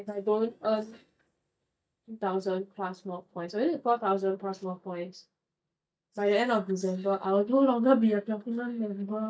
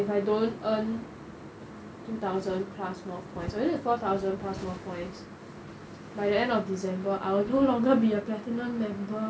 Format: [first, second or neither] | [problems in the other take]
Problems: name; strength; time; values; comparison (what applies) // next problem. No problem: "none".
second | noise reduction (neural mask model DeepFilterNet 3)